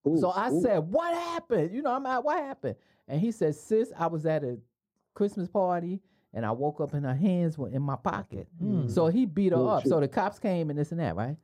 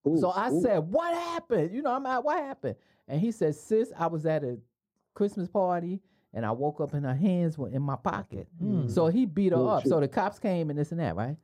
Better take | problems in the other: neither | muffled; slightly; fading above 1.5 kHz; the same in both

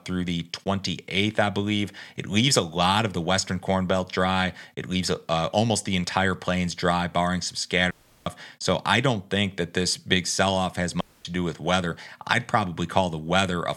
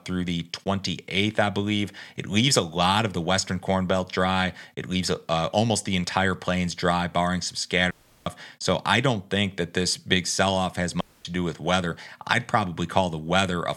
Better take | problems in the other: neither | audio cutting out; at 8 s and at 11 s; the same in both

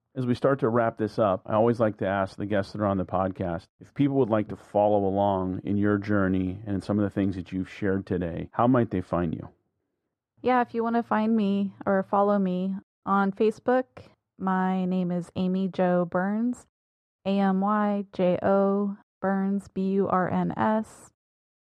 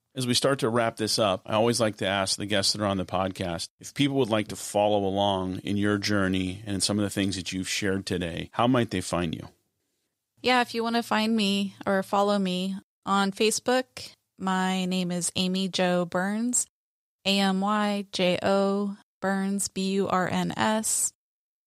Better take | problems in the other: second | muffled; very; fading above 2.5 kHz

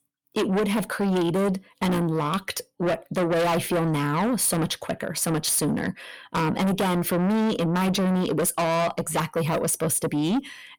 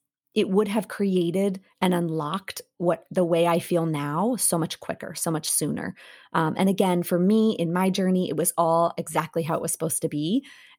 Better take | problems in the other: second | distortion; heavy; 6 dB below the speech

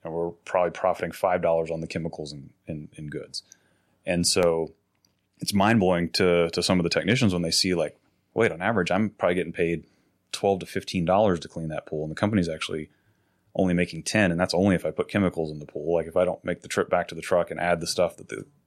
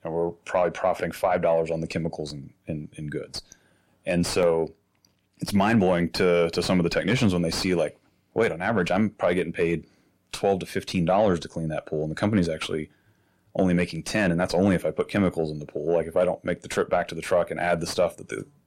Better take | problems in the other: first | distortion; slight; 10 dB below the speech

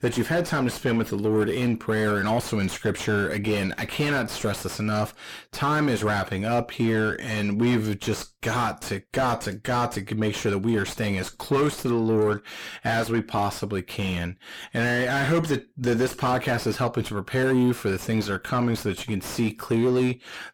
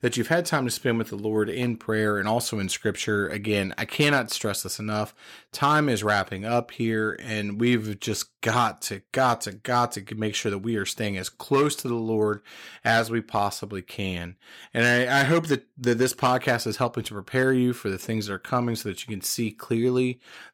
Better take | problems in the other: second | distortion; heavy; 6 dB below the speech

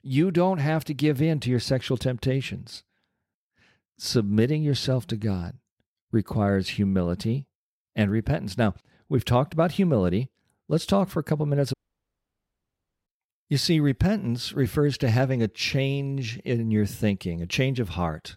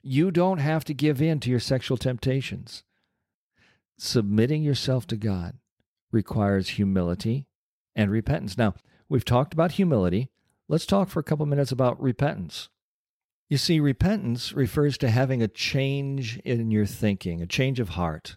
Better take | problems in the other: second | audio cutting out; at 12 s for 1.5 s

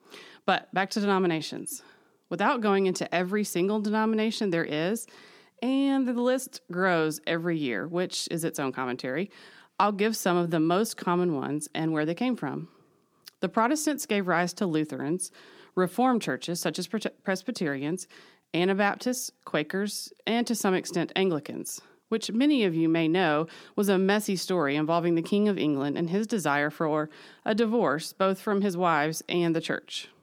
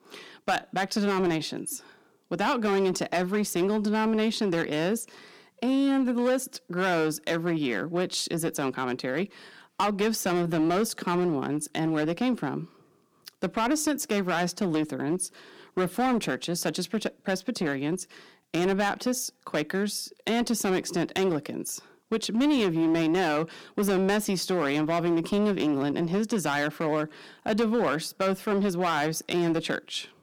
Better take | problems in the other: first | distortion; slight; 9% of the sound clipped

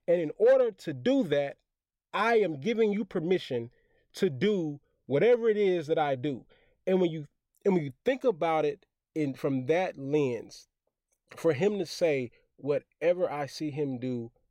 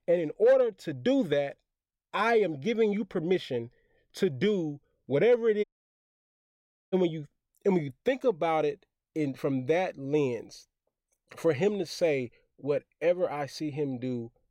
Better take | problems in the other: first | audio cutting out; at 5.5 s for 1.5 s

